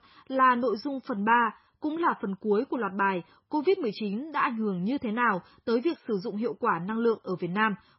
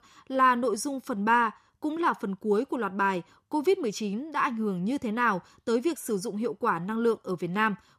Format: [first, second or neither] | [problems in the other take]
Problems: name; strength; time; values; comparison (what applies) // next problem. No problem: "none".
second | garbled, watery; badly; nothing above 5.5 kHz